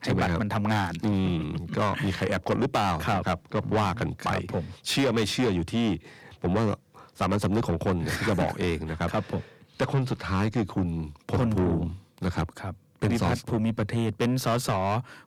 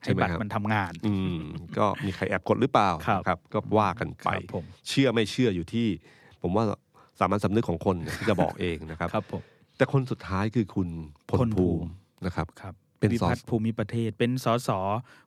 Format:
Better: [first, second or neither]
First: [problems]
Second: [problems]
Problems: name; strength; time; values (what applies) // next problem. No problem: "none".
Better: second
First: distortion; heavy; 7 dB below the speech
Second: none